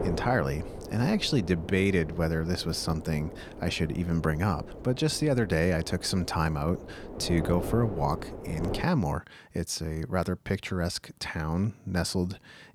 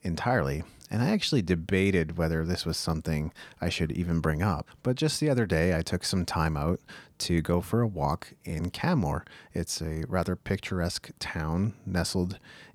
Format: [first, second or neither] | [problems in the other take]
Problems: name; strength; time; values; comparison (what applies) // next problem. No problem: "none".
second | wind noise on the microphone; occasional gusts; until 9 s; 10 dB below the speech